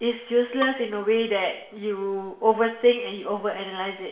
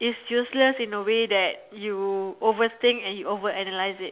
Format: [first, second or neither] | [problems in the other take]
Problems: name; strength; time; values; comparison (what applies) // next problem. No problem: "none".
second | background sound (Bowed string instrument); 15 dB below the speech // room echo; dies away in 0.7 s